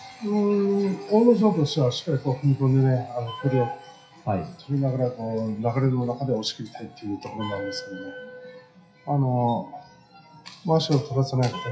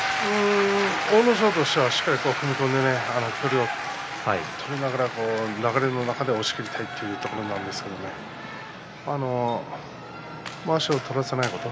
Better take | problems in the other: second | noise reduction (classical method WPE with log-MMSE)

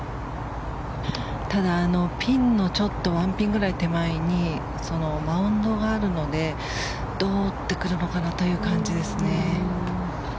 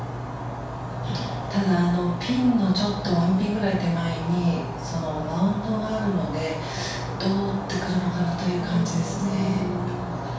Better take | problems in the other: first | room echo; dies away in 0.7 s

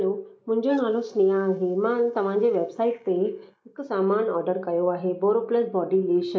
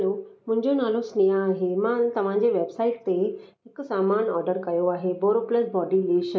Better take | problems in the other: second | noise reduction (neural mask model Resemble Enhance denoiser)

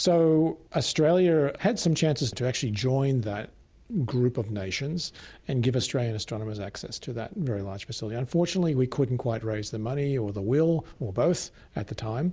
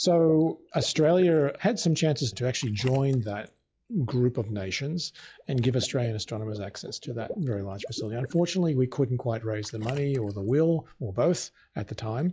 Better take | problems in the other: first | noise reduction (classical method log-MMSE)

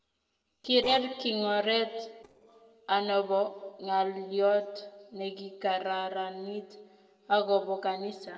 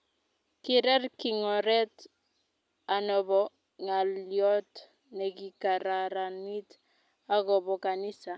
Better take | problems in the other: second | noise reduction (neural separator model SepFormer DNS4)

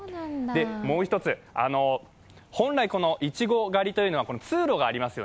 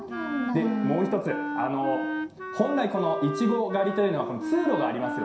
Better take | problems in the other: first | background sound (Wind instrument, woodwind instrument); 6 dB below the speech // room echo; dies away in 0.7 s

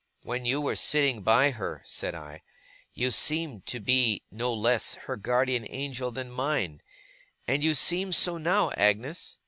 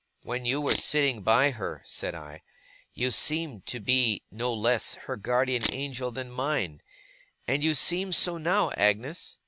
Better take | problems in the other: first | background sound (Camera); 8 dB below the speech

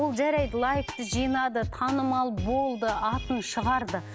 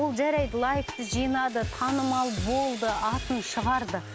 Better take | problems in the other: first | background sound (Sawing); 16 dB below the speech

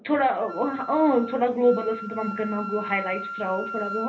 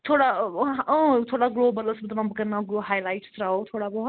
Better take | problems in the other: second | background sound (Wind instrument, woodwind instrument); 11 dB below the speech // room echo; dies away in 0.3 s

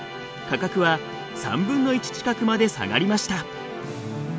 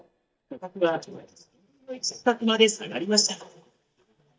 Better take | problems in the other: first | noise reduction (neural mask model DeepFilterNet 3)

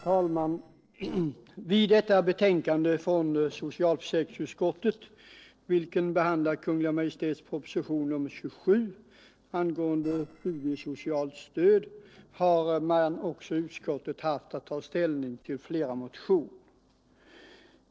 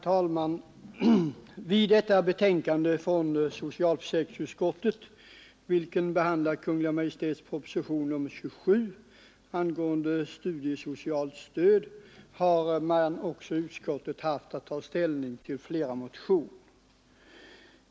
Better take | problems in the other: second | noise reduction (neural separator model SepFormer DNS4)

